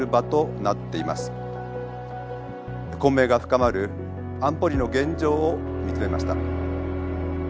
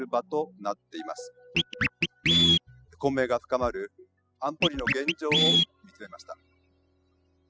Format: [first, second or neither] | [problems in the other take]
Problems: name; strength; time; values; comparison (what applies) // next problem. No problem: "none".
first | noise reduction (classical method spectral subtraction)